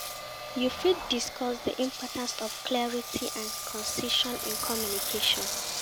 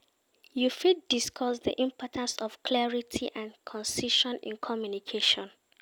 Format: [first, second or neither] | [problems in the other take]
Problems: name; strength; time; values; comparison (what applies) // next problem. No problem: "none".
second | background sound (Engine); 4 dB below the speech